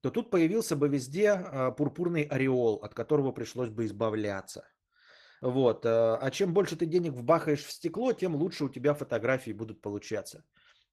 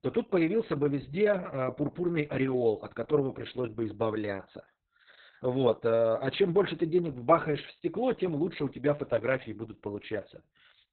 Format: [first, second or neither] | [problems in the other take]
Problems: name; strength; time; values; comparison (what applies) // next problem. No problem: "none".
first | garbled, watery; badly; nothing above 4 kHz; slightly in the first